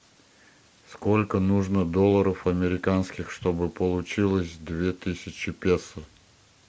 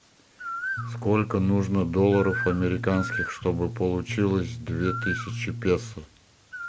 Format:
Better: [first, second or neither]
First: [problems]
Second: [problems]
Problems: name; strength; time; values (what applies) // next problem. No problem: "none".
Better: first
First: none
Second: background sound (Bird + Bass guitar); 7 dB below the speech